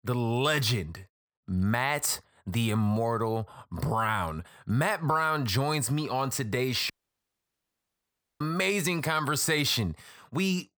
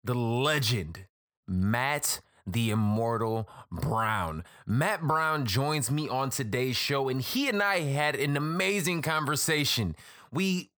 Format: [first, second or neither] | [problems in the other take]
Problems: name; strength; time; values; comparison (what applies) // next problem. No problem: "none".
second | audio cutting out; at 7 s for 1.5 s